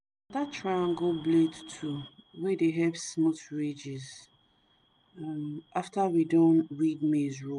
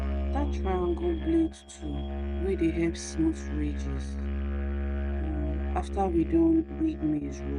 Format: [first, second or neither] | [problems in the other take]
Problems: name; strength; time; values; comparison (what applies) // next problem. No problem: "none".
first | noise reduction (neural mask model RNNoise)